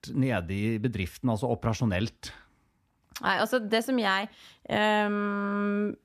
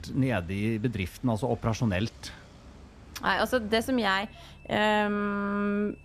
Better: first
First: none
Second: traffic noise; faint; throughout; 20 dB below the speech

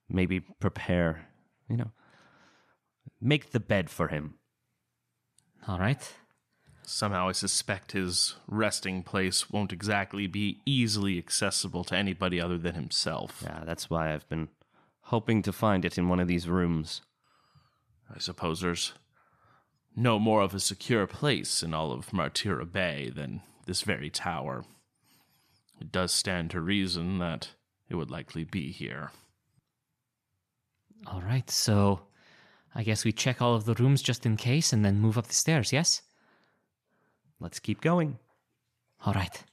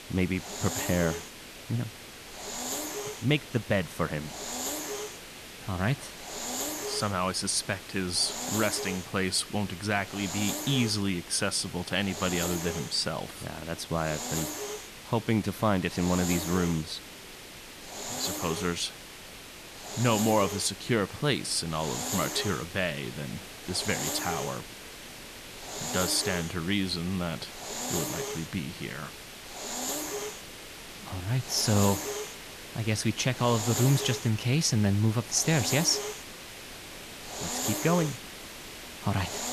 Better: first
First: none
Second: hiss; loud; throughout; 7 dB below the speech

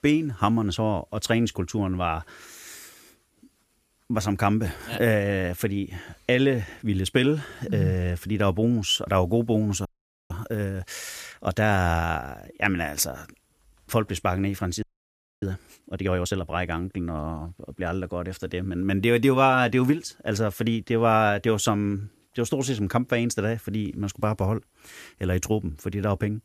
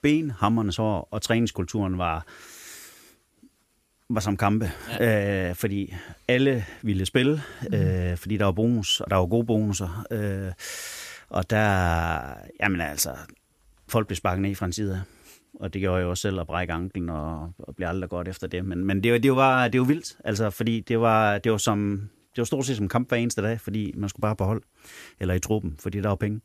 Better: second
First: audio freezing; at 10 s and at 15 s for 0.5 s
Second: none

